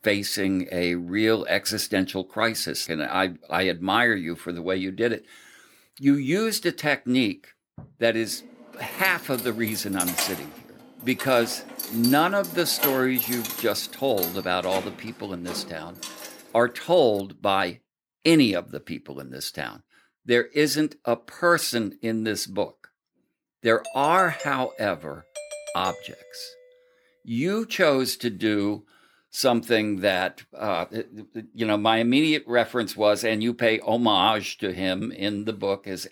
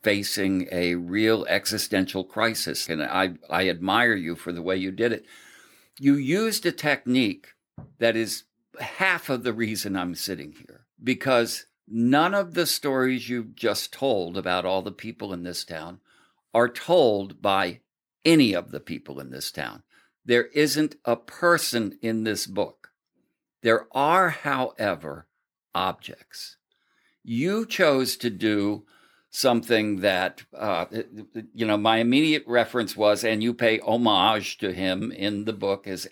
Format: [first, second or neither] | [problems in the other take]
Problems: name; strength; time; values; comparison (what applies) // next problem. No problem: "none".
second | jangling keys; noticeable; from 9 to 16 s; peak 1 dB below the speech // doorbell; faint; from 24 to 27 s; peak 10 dB below the speech